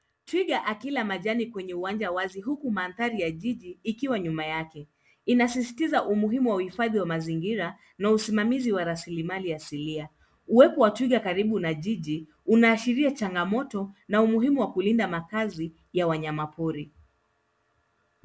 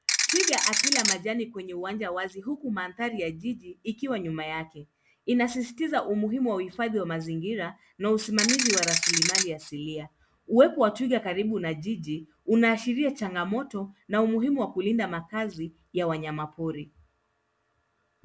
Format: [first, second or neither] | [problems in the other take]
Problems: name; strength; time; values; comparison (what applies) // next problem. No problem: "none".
first | background sound (Ratchet, pawl / Percussion); 4 dB above the speech